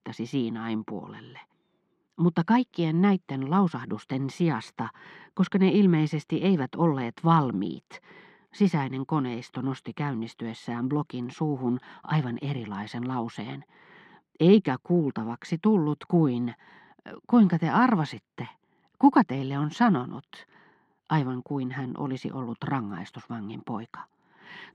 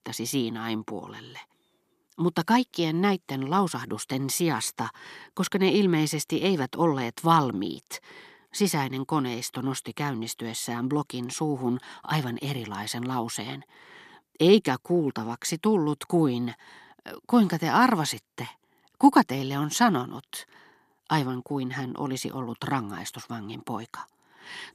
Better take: second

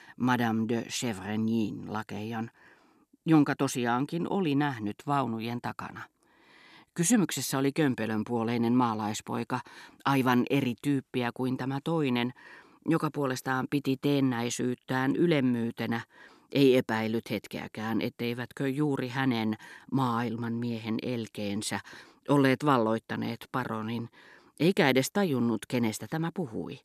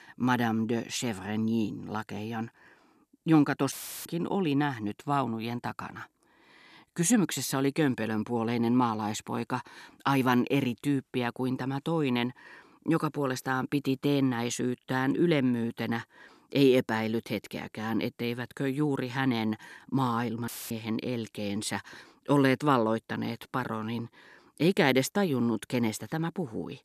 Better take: first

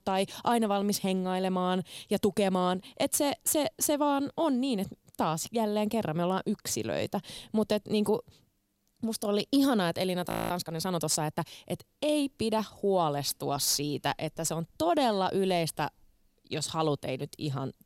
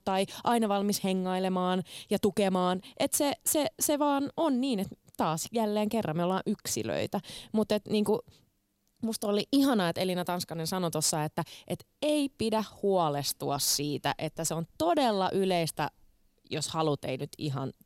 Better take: second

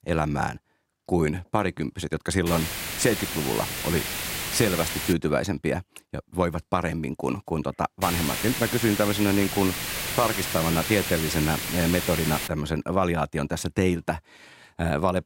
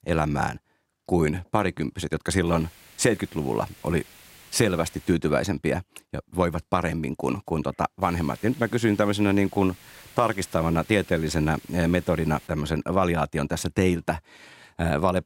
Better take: second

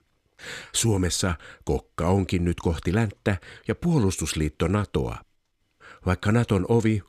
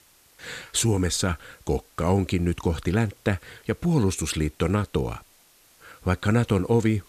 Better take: first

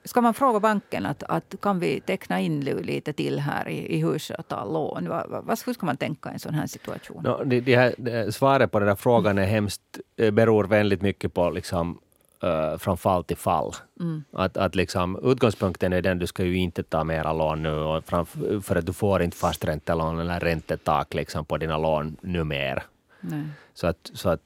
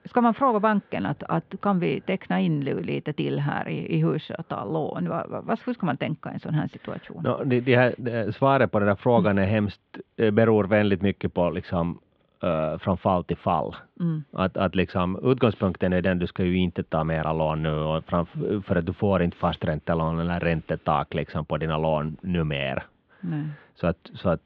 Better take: first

